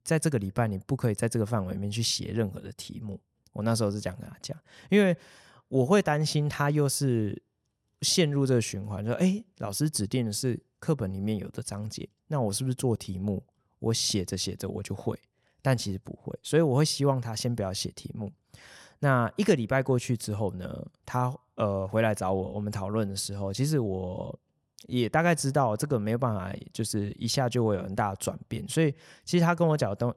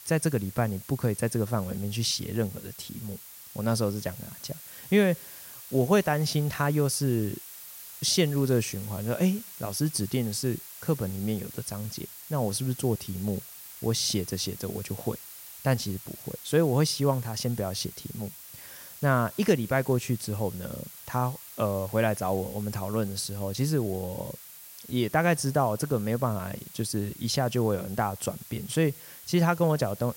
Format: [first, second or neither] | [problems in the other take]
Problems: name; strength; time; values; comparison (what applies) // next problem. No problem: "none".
first | hiss; noticeable; throughout; 15 dB below the speech